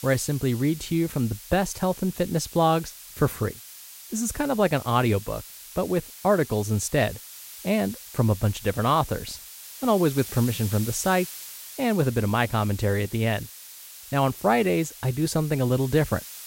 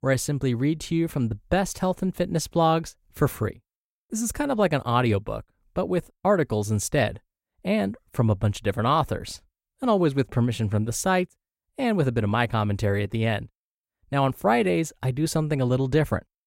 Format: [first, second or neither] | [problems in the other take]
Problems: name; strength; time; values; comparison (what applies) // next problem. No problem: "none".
second | hiss; noticeable; throughout; 15 dB below the speech